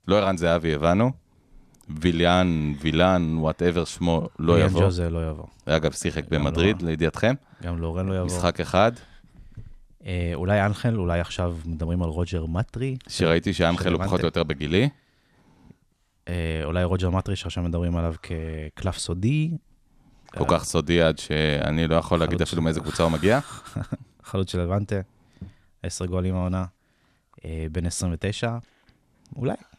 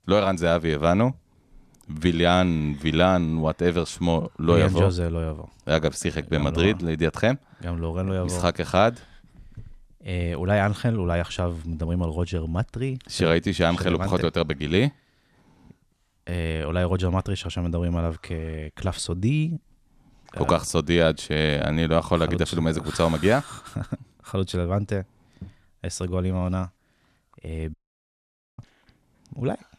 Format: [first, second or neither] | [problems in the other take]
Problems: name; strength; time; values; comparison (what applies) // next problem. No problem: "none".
first | audio cutting out; at 28 s for 1 s